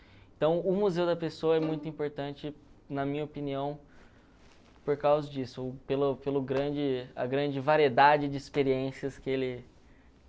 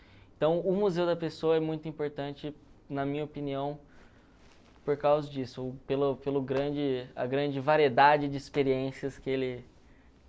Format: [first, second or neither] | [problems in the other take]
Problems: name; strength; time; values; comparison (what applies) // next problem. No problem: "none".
second | background sound (Bowed string instrument); 18 dB below the speech